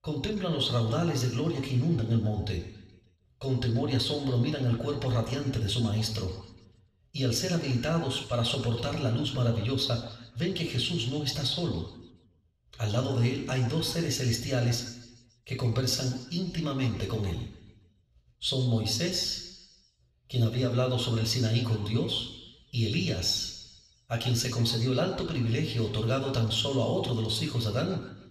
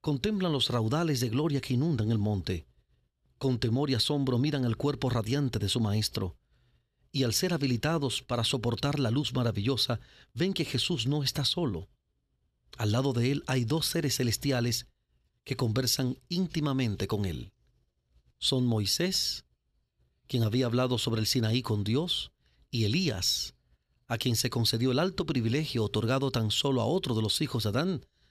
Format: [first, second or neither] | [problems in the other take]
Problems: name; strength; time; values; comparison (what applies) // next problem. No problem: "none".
second | room echo; slight; dies away in 1 s // off-mic speech; somewhat distant